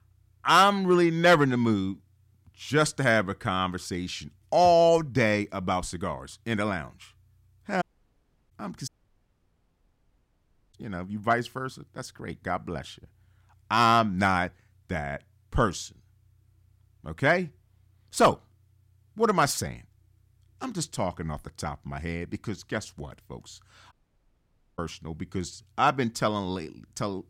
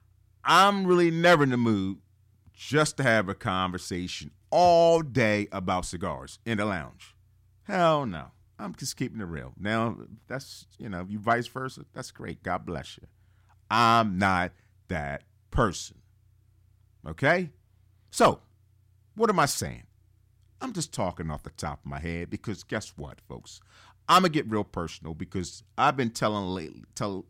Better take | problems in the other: second | audio cutting out; at 8 s for 0.5 s, at 9 s for 2 s and at 24 s for 1 s

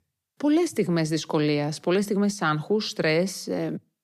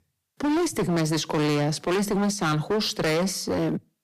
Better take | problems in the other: first | distortion; heavy; 27% of the sound clipped

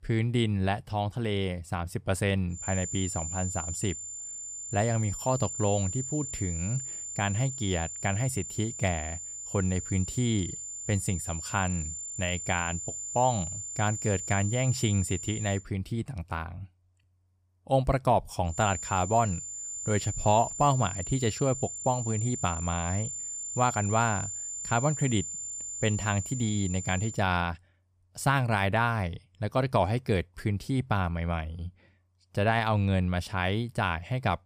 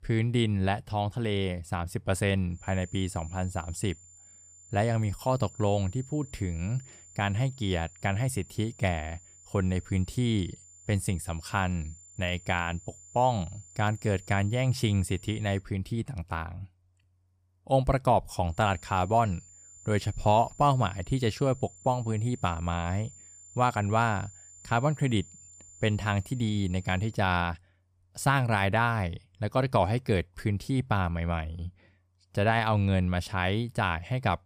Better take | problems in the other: second | high-pitched whine; loud; from 2.5 to 16 s and from 19 to 27 s; 7 kHz, 6 dB below the speech; faint in the second

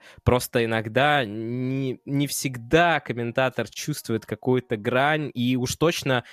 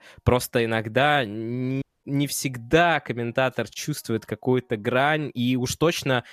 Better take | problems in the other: first | audio cutting out; at 2 s

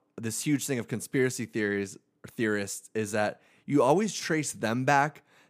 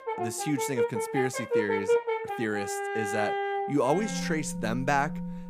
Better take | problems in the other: first | background music; loud; throughout; 1 dB below the speech

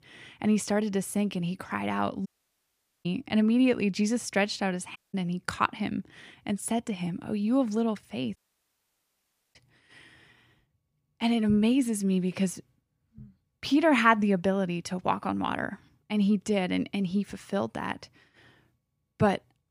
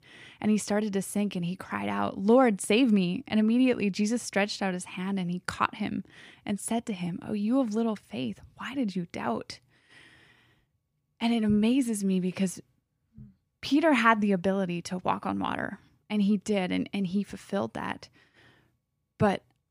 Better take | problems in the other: second | audio cutting out; at 2.5 s for 1 s, at 5 s and at 8.5 s for 1 s

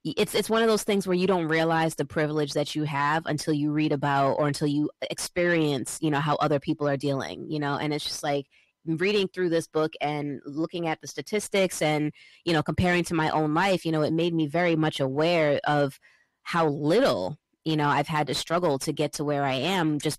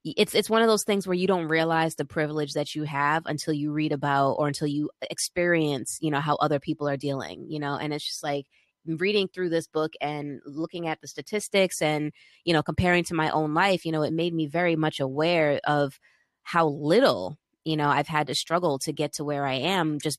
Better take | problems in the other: second | distortion; slight; 10 dB below the speech

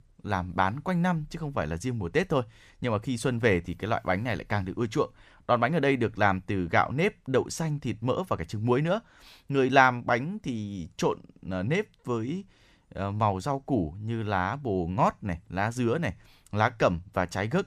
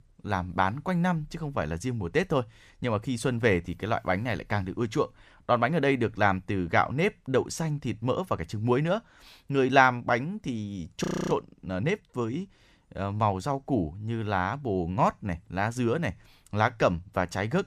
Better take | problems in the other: first | audio freezing; at 11 s

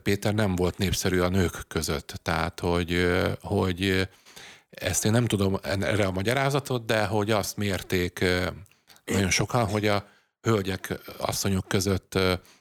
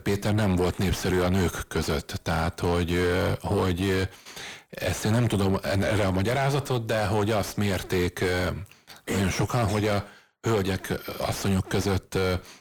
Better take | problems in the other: first | distortion; heavy; 6 dB below the speech

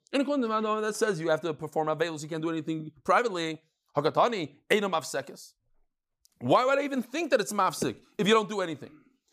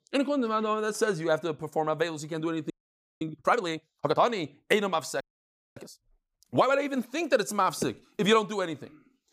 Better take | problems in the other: first | audio freezing; at 2.5 s for 0.5 s and at 5 s for 0.5 s

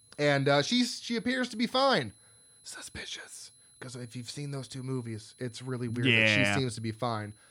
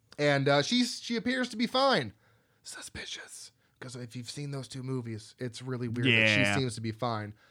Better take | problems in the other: second | high-pitched whine; faint; throughout; 10.5 kHz, 30 dB below the speech

